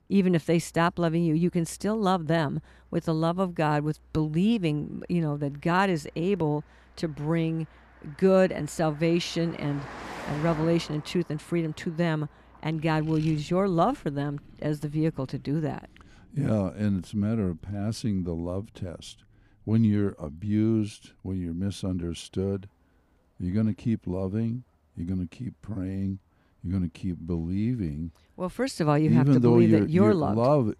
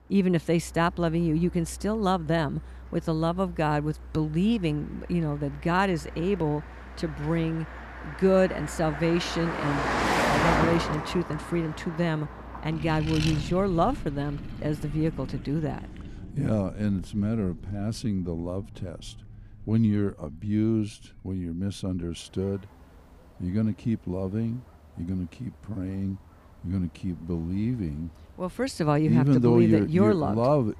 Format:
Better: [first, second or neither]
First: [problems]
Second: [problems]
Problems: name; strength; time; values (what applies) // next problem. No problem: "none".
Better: first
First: traffic noise; faint; throughout; 20 dB below the speech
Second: traffic noise; loud; throughout; 7 dB below the speech